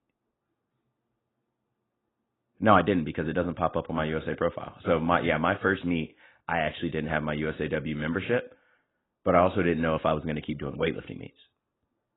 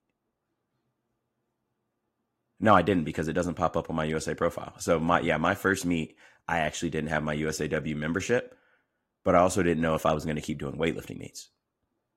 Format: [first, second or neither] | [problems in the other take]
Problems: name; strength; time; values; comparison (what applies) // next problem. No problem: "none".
second | garbled, watery; badly; nothing above 3.5 kHz; slightly in the second